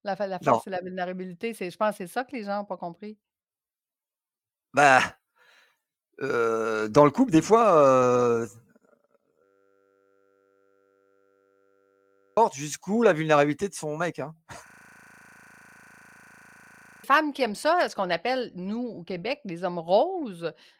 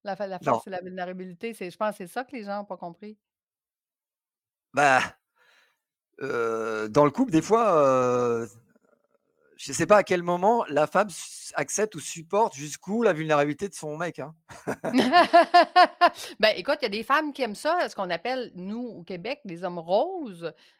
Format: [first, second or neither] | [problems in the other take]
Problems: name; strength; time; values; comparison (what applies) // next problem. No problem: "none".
second | audio freezing; at 9.5 s for 3 s and at 15 s for 2.5 s